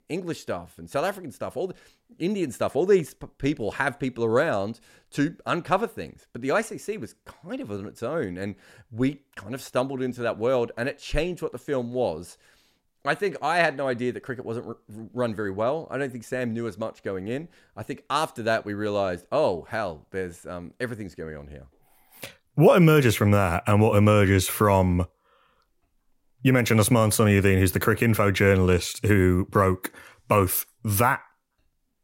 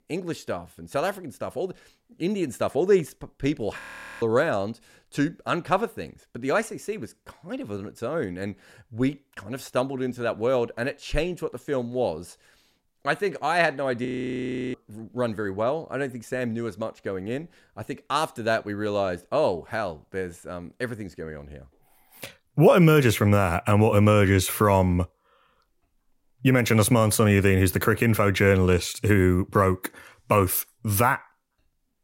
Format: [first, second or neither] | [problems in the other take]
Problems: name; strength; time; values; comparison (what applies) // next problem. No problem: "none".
first | audio freezing; at 4 s and at 14 s for 0.5 s